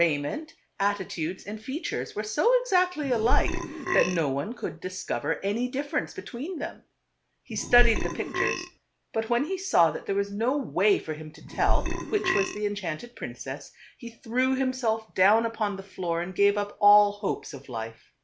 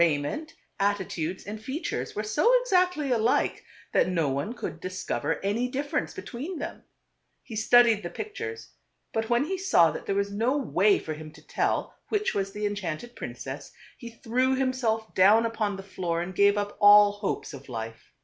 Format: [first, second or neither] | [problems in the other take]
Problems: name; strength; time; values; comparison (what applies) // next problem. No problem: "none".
second | background sound (Burping, eructation); 1 dB above the speech